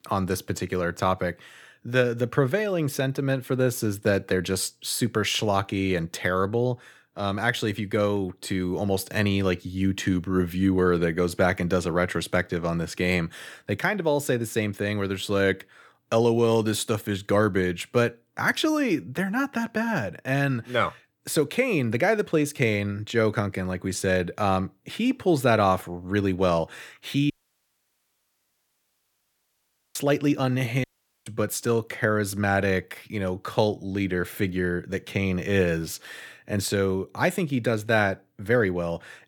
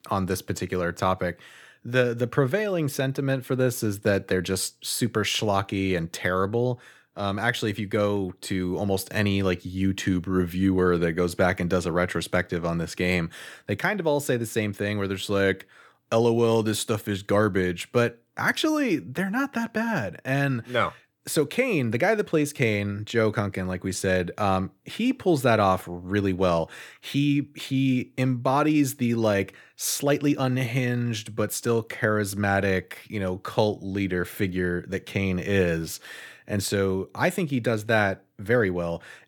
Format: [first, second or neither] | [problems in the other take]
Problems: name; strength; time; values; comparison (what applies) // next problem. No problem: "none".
second | audio cutting out; at 27 s for 2.5 s and at 31 s